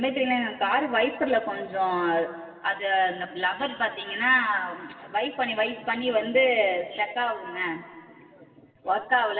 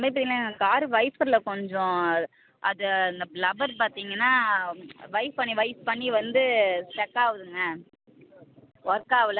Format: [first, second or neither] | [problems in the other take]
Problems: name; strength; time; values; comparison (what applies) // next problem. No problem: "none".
second | room echo; dies away in 2.3 s